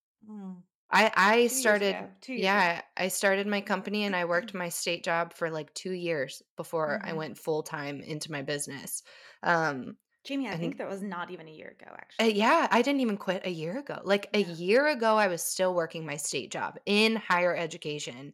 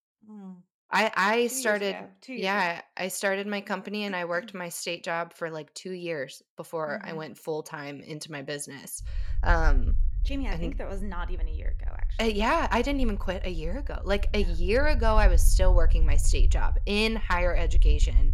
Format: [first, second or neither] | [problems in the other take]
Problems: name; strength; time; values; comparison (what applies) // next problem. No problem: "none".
first | low rumble; faint; from 9 s on; 25 dB below the speech